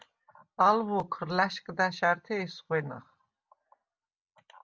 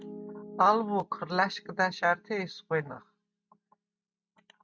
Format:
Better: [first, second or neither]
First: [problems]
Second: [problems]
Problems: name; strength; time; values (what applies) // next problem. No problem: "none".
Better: first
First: none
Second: noise reduction (neural mask model RNNoise)